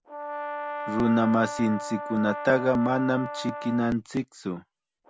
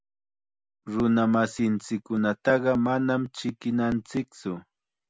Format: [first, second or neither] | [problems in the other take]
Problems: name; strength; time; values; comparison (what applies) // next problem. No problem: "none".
second | background sound (Brass instrument); 9 dB below the speech